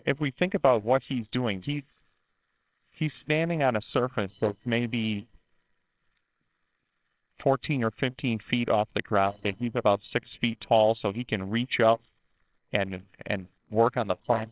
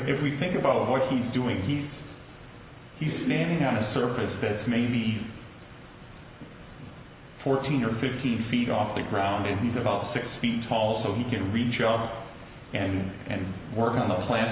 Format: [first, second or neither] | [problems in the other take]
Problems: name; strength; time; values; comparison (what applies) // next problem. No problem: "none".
second | noise reduction (neural separator model SepFormer WHAMR!)